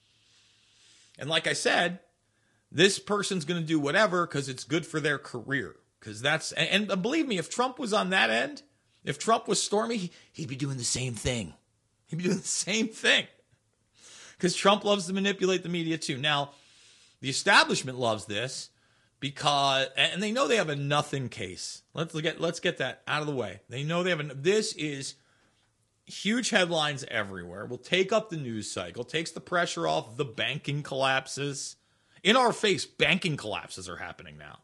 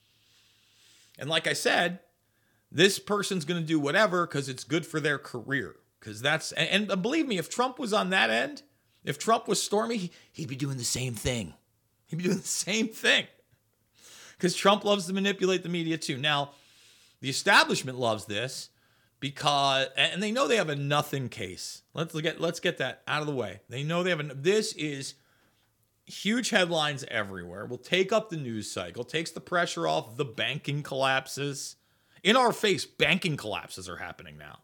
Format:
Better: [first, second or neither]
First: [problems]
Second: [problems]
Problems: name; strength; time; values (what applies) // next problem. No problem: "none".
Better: second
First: garbled, watery; slightly; nothing above 10 kHz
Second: none